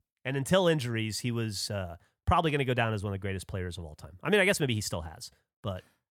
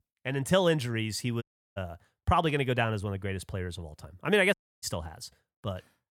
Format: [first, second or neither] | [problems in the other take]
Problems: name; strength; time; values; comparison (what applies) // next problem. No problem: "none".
first | audio cutting out; at 1.5 s and at 4.5 s